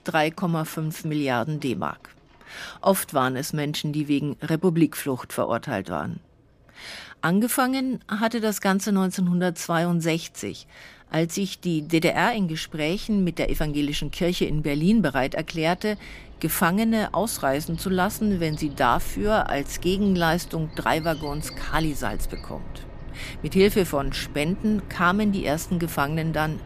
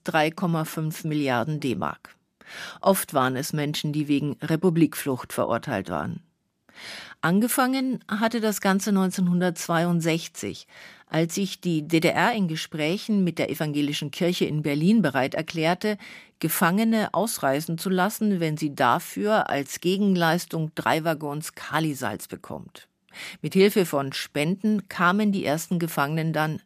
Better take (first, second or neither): second